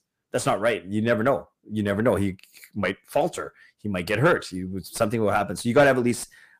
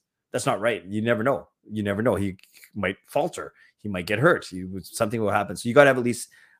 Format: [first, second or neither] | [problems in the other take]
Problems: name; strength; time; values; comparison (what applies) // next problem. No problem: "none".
second | distortion; slight; 10 dB below the speech